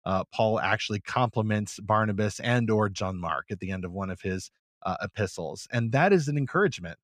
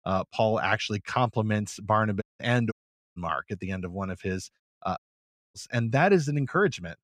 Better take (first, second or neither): first